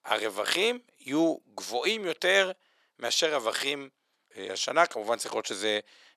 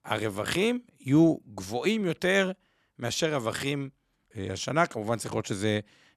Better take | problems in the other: second | thin; somewhat; fading below 550 Hz

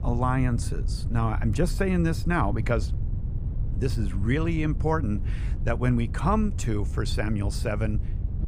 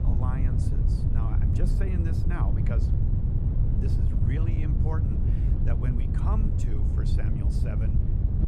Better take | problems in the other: first | wind noise on the microphone; heavy; 2 dB above the speech; occasional gusts in the first

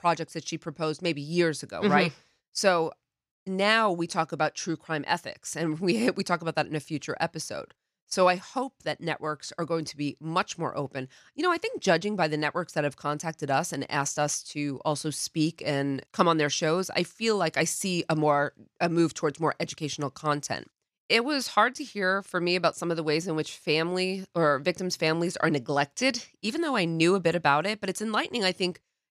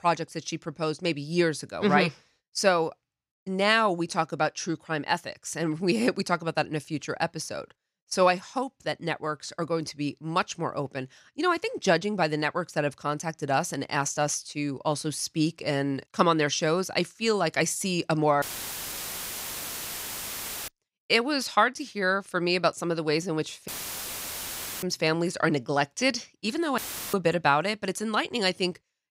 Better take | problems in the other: first | audio cutting out; filled with static; at 18 s for 2.5 s, at 24 s for 1 s and at 27 s

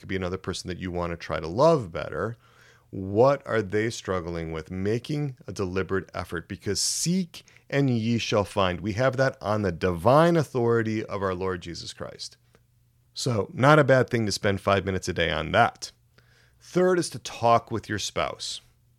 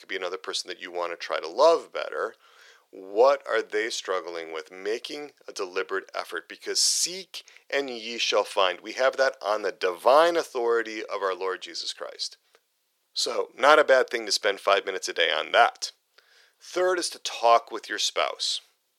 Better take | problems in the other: first | thin; very; fading below 400 Hz

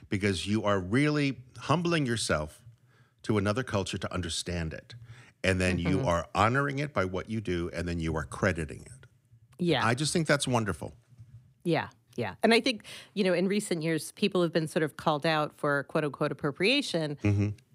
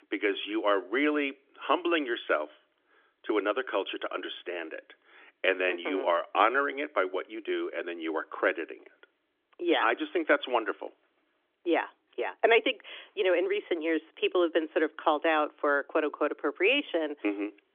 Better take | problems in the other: first | phone-call audio; nothing above 3.5 kHz

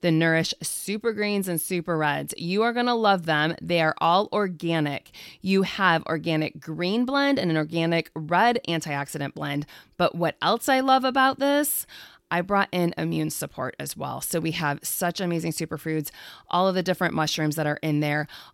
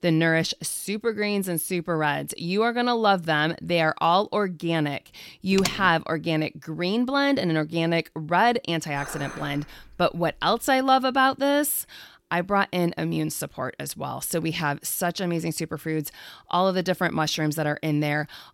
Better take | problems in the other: first | keyboard typing; noticeable; at 5.5 s; peak 5 dB below the speech // clattering dishes; faint; from 9 to 11 s; peak 10 dB below the speech

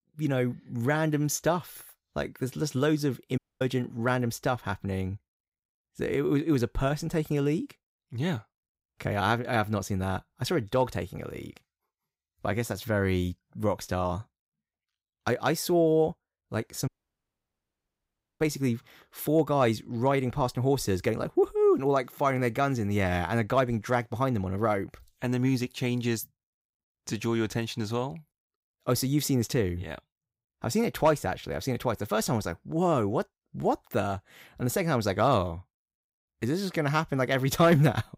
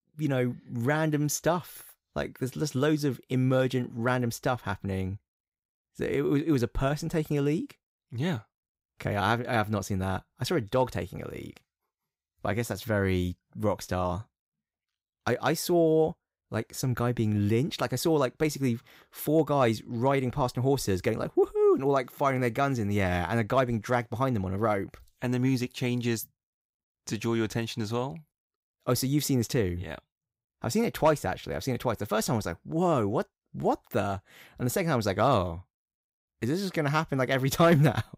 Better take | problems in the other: second | audio cutting out; at 3.5 s and at 17 s for 1.5 s

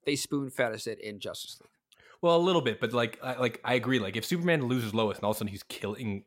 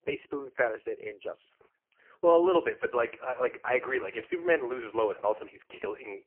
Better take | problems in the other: first | phone-call audio; poor line; nothing above 3 kHz

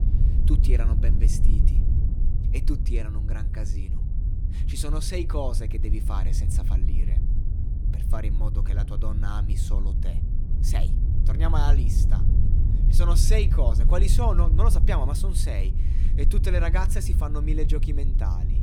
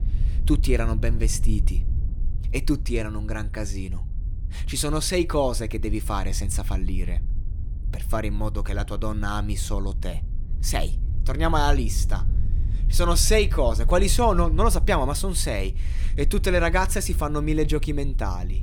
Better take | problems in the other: second | low rumble; loud; throughout; 7 dB below the speech; faint in the second

